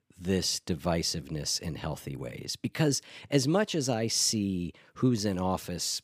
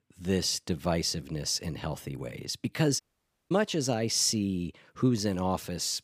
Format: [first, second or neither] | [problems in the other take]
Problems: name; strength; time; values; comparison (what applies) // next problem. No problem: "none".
first | audio cutting out; at 3 s for 0.5 s